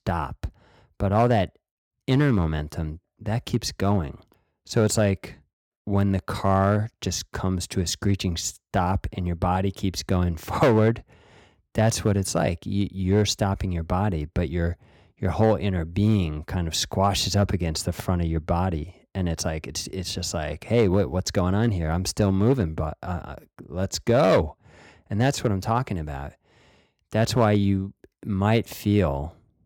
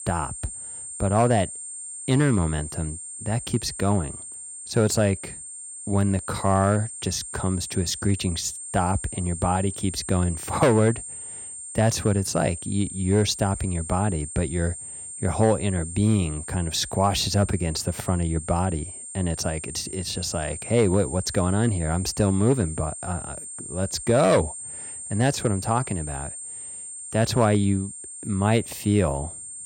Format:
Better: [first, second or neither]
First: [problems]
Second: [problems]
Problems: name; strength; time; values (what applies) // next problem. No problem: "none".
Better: first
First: none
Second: high-pitched whine; loud; throughout; 8.5 kHz, 9 dB below the speech